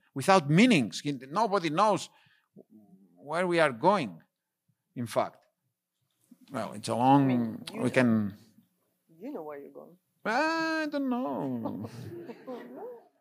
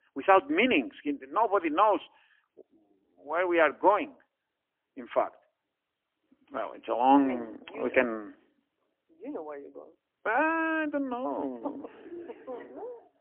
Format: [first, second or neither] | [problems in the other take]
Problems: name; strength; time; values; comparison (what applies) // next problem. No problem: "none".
first | phone-call audio; poor line; nothing above 3 kHz